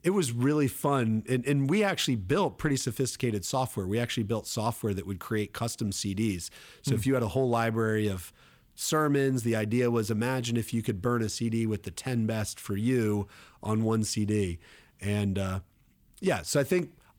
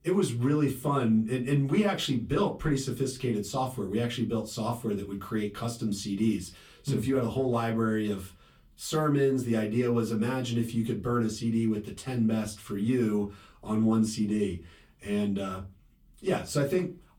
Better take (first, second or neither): first